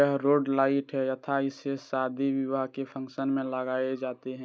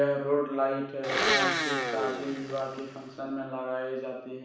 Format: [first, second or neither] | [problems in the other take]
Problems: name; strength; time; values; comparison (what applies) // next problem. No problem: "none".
first | background sound (Domestic sounds, home sounds); 1 dB above the speech // room echo; dies away in 0.7 s